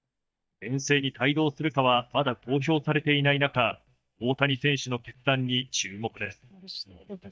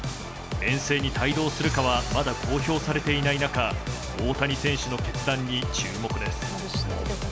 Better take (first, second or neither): second